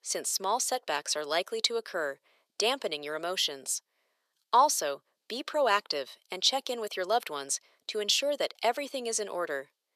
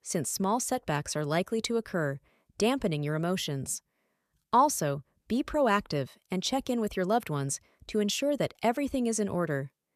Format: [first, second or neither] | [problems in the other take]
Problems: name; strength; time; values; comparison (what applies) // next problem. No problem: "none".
second | thin; very; fading below 450 Hz